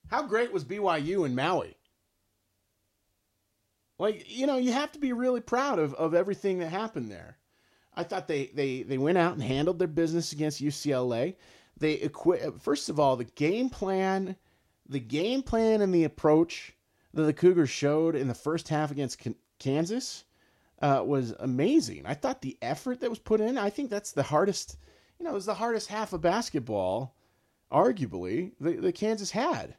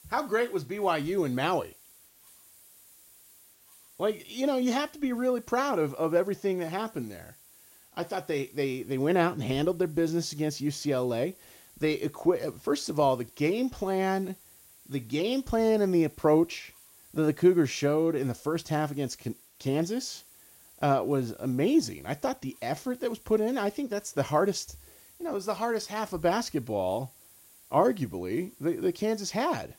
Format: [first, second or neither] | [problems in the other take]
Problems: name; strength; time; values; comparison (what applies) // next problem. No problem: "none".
first | hiss; faint; throughout; 25 dB below the speech